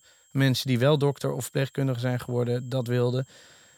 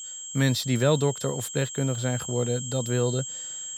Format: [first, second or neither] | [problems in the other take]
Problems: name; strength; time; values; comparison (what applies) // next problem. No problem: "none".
first | high-pitched whine; loud; throughout; 7.5 kHz, 7 dB below the speech; faint in the first